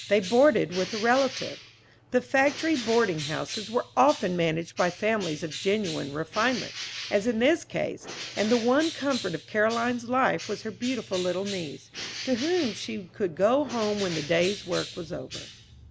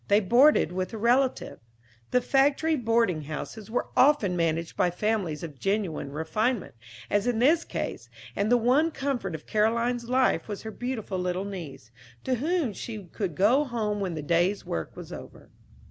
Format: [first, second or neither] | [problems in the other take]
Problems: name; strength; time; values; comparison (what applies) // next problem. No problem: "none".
second | background sound (Bird); 13 dB below the speech